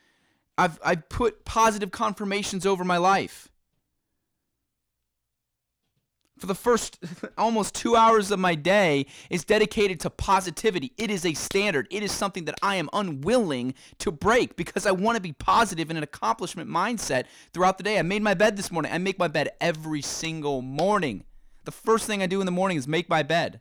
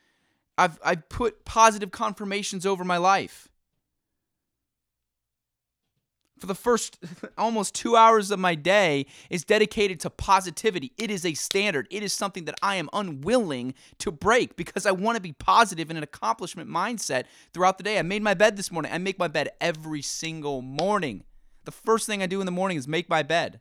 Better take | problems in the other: second | distortion; slight; 10 dB below the speech

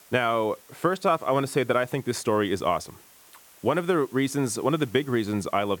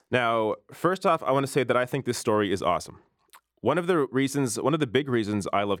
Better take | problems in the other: second | hiss; faint; throughout; 25 dB below the speech

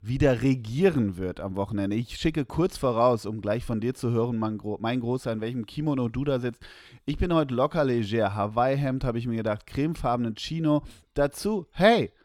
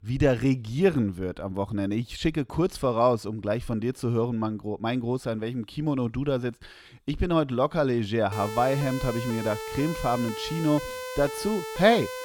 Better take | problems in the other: first | siren; noticeable; from 8.5 s on; peak 8 dB below the speech

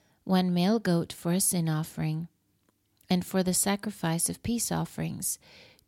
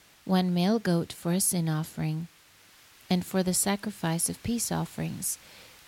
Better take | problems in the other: first | hiss; faint; throughout; 25 dB below the speech

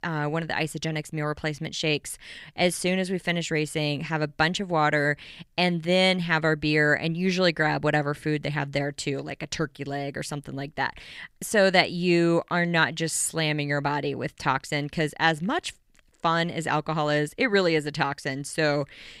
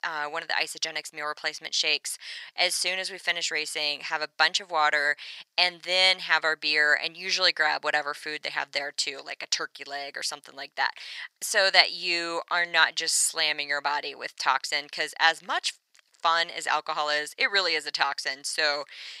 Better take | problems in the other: first | thin; very; fading below 900 Hz

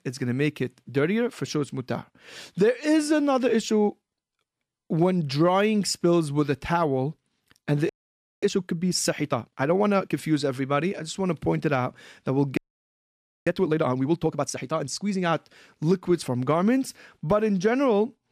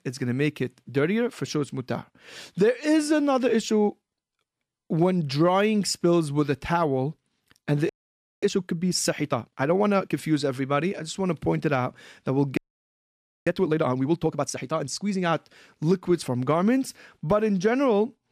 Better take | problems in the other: neither | audio freezing; at 8 s for 0.5 s and at 13 s for 1 s; the same in both

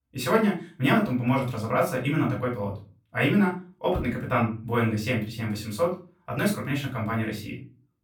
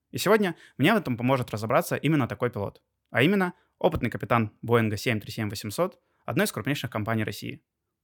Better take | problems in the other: second | off-mic speech; far // room echo; slight; dies away in 0.3 s

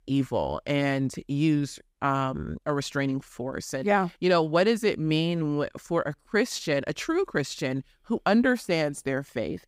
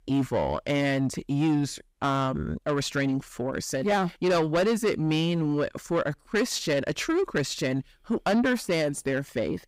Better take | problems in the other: first | distortion; slight; 10 dB below the speech

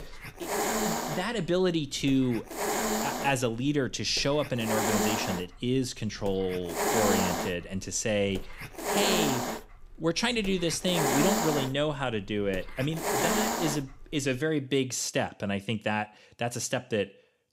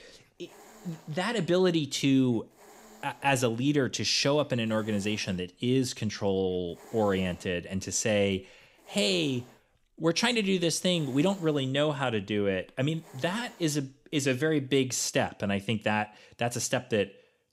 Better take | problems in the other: second | hiss; loud; until 14 s; as loud as the speech; faint in the second

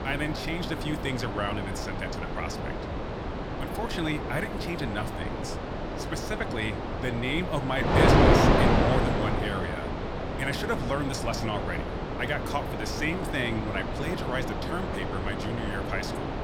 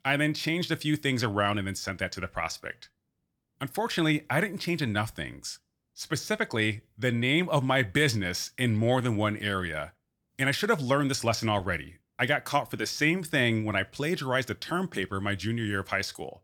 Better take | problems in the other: second | wind noise on the microphone; heavy; 2 dB above the speech

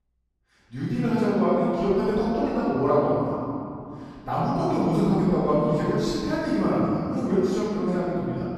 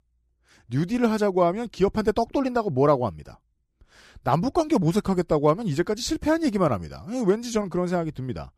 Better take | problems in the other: second | off-mic speech; far // room echo; strong; dies away in 2.8 s

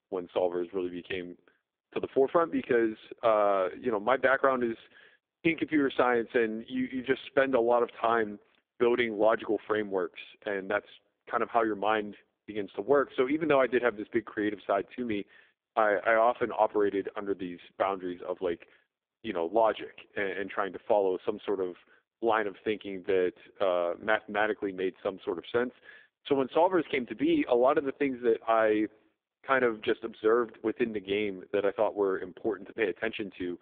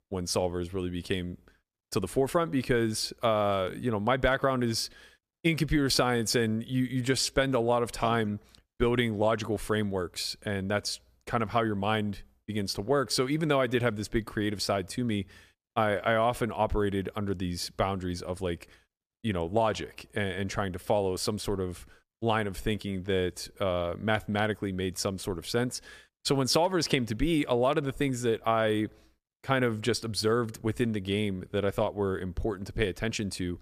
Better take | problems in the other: second | phone-call audio; poor line

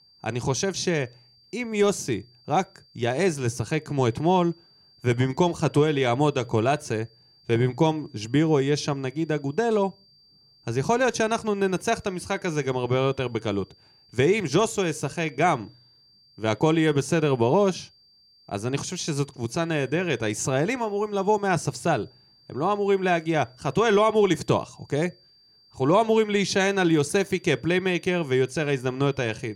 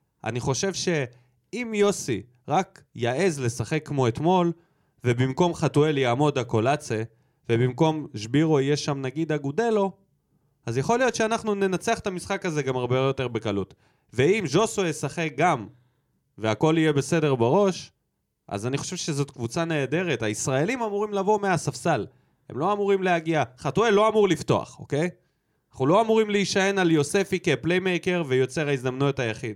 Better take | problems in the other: second | high-pitched whine; faint; throughout; 4.5 kHz, 30 dB below the speech

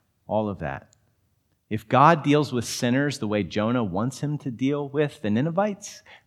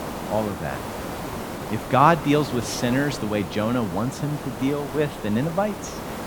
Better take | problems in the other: first | hiss; loud; throughout; 9 dB below the speech

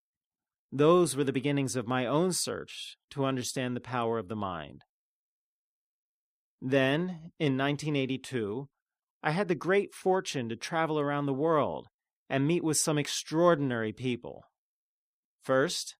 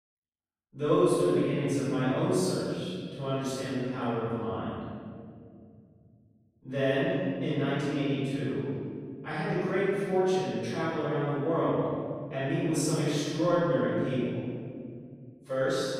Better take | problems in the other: first | off-mic speech; far // room echo; strong; dies away in 2.7 s

